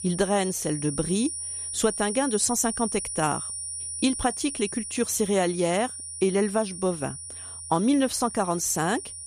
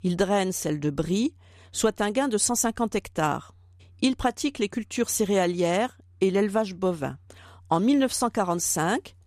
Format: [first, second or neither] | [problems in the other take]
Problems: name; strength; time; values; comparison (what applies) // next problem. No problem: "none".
second | high-pitched whine; loud; throughout; 9.5 kHz, 6 dB below the speech